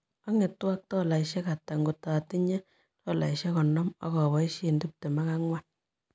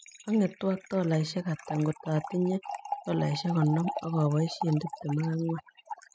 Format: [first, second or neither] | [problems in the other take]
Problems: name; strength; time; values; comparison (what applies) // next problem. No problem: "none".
first | noise reduction (classical method spectral subtraction)